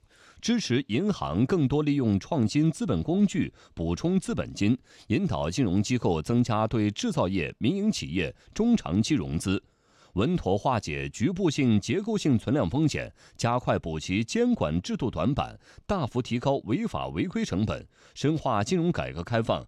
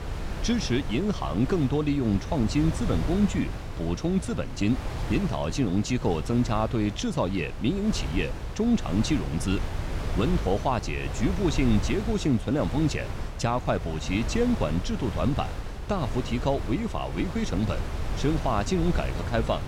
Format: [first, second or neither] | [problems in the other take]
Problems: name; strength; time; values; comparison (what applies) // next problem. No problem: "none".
first | wind noise on the microphone; heavy; 9 dB below the speech